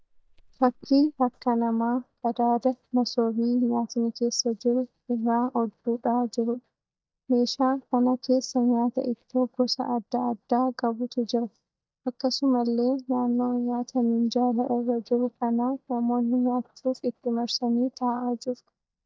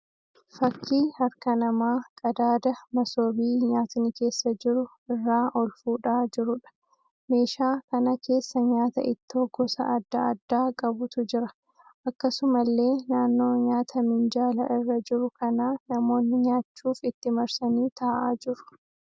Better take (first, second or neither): second